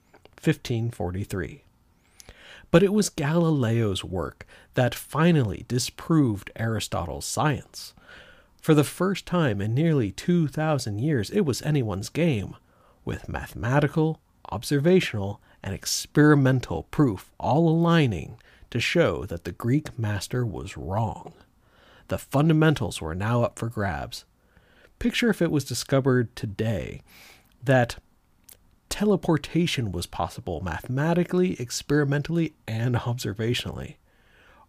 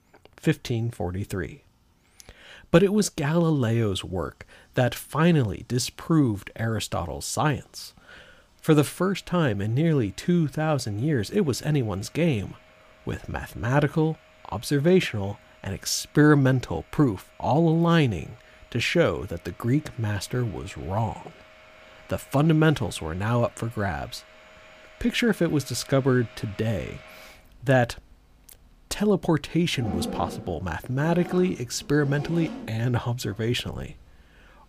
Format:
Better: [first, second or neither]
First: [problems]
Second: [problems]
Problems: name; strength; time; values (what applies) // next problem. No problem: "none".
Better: first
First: none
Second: household noises; noticeable; throughout; 20 dB below the speech